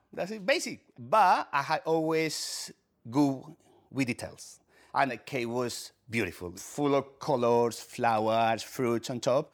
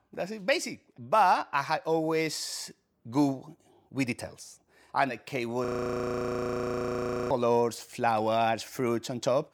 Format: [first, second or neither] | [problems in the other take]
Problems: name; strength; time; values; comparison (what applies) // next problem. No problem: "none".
first | audio freezing; at 5.5 s for 1.5 s